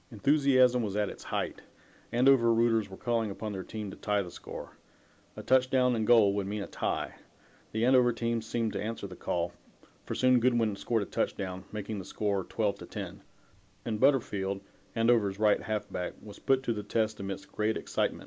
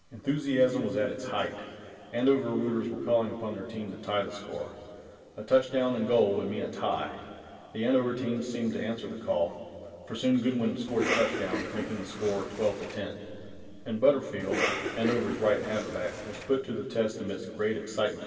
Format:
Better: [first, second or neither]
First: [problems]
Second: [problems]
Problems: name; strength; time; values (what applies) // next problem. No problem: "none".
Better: first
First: none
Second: background sound (Cough); 5 dB below the speech // room echo; dies away in 2.6 s